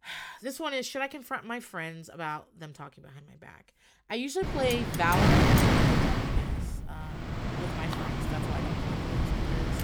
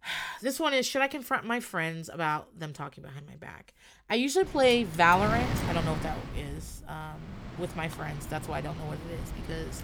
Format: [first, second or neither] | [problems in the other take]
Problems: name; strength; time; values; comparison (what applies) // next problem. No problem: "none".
second | wind noise on the microphone; heavy; from 4.5 s on; 2 dB above the speech; occasional gusts in the second